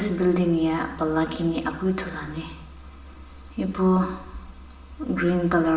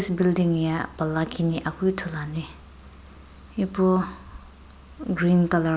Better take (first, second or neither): second